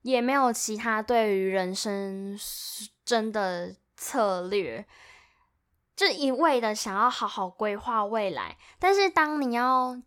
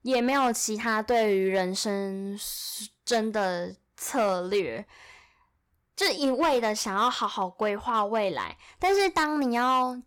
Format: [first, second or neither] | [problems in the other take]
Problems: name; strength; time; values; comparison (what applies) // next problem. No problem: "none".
first | distortion; slight; 6% of the sound clipped